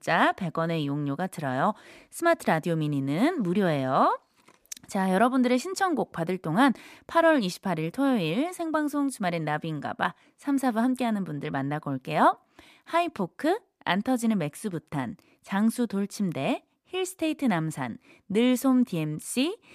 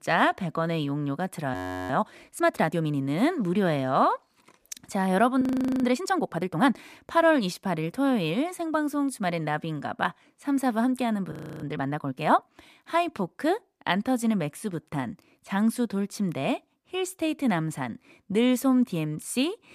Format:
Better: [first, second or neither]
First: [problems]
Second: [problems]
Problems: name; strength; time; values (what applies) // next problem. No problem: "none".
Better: first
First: none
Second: audio freezing; at 1.5 s, at 5.5 s and at 11 s